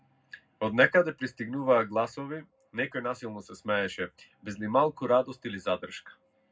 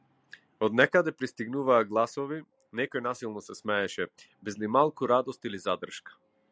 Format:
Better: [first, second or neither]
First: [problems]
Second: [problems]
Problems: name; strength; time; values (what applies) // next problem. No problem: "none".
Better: second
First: room echo; dies away in 0.3 s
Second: none